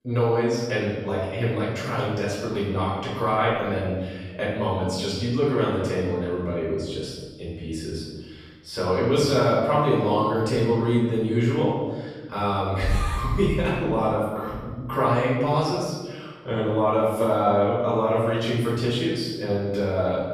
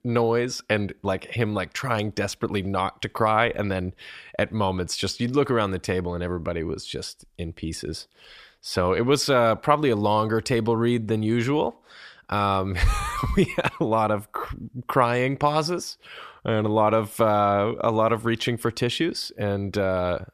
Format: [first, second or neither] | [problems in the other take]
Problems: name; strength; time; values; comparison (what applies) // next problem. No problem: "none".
second | off-mic speech; far // room echo; strong; dies away in 1.3 s